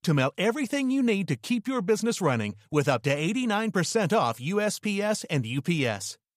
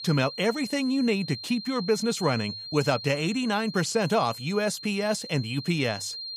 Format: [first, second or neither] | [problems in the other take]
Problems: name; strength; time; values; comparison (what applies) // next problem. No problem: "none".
first | high-pitched whine; noticeable; throughout; 4 kHz, 10 dB below the speech